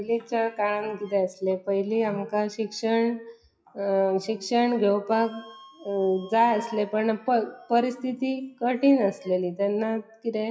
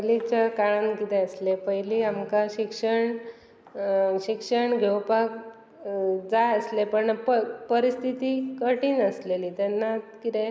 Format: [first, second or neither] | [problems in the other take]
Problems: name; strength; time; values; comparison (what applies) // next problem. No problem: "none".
second | noise reduction (classical method WPE with log-MMSE)